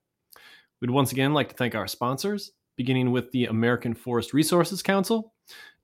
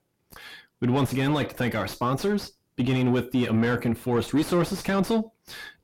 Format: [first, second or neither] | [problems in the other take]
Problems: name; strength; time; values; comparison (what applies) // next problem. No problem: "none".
first | distortion; heavy; 7 dB below the speech